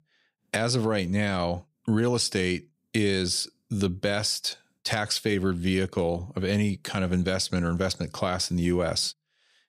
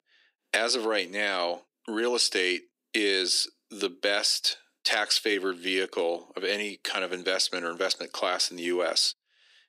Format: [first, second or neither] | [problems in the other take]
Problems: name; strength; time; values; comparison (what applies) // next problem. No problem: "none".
first | thin; very; fading below 300 Hz